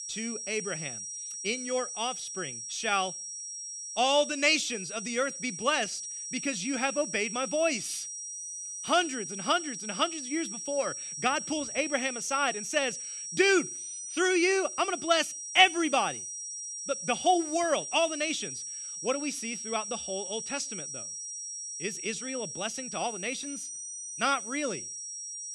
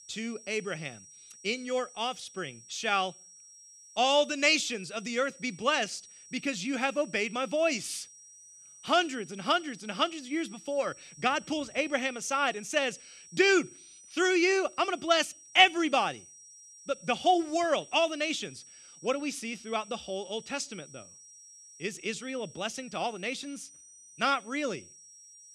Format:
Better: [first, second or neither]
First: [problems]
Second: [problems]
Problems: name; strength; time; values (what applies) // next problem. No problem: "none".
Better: second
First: high-pitched whine; loud; throughout; 5.5 kHz, 7 dB below the speech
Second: high-pitched whine; faint; throughout; 5.5 kHz, 20 dB below the speech